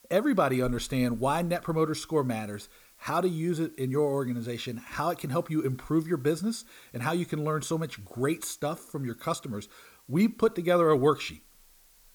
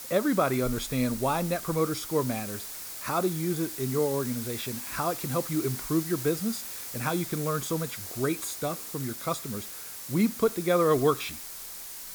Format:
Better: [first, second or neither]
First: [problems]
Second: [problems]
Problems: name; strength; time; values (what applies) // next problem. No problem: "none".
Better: first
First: hiss; faint; throughout; 25 dB below the speech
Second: hiss; loud; throughout; 7 dB below the speech